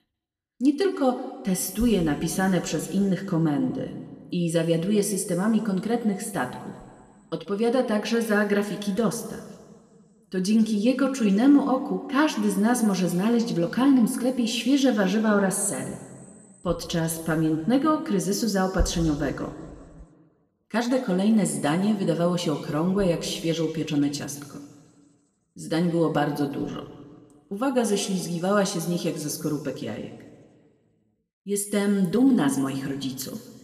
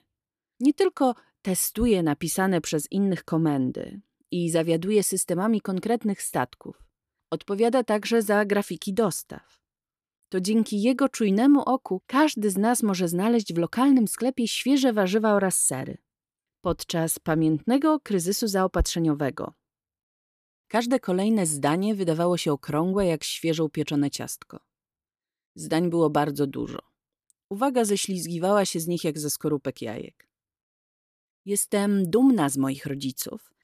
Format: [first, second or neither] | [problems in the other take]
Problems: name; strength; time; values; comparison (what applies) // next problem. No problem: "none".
second | room echo; slight; dies away in 1.5 s